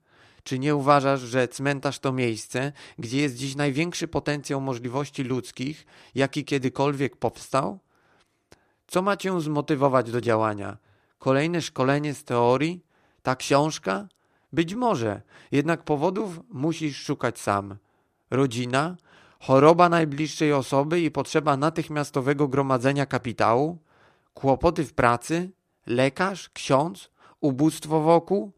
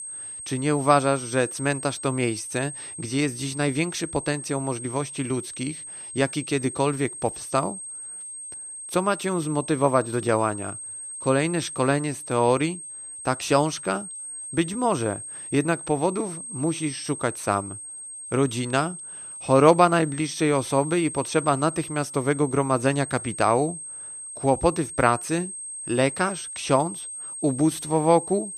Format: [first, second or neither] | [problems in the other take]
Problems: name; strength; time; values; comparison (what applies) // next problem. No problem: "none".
first | high-pitched whine; loud; throughout; 8.5 kHz, 10 dB below the speech